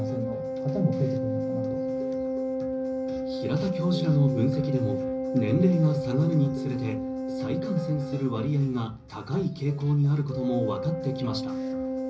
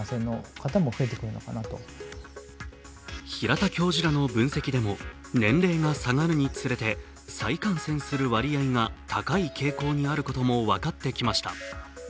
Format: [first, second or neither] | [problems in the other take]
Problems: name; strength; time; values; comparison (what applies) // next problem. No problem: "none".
second | background sound (Organ); 3 dB below the speech // room echo; dies away in 0.5 s